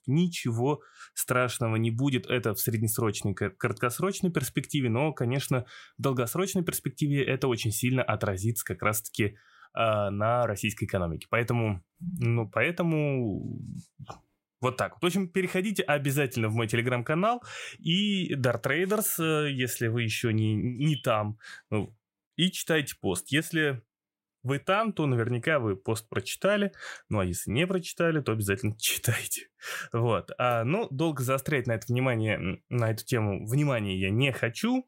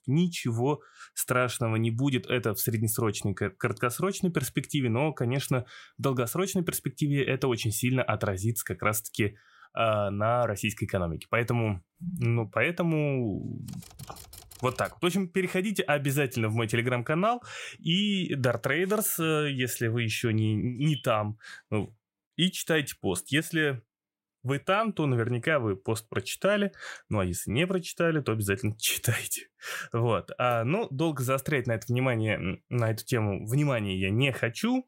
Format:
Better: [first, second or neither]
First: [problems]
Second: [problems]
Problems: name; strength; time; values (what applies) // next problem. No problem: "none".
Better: first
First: none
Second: keyboard typing; faint; from 14 to 15 s; peak 20 dB below the speech